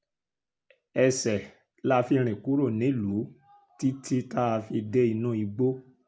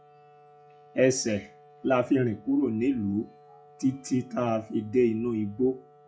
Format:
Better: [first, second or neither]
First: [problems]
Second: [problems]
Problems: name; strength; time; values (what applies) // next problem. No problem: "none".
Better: first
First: none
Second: noise reduction (classical method log-MMSE)